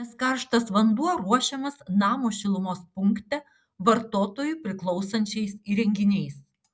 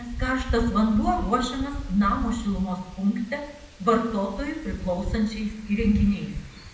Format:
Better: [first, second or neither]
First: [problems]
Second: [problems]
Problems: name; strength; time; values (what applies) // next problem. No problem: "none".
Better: first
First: none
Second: background sound (Wind); 8 dB below the speech // room echo; dies away in 0.7 s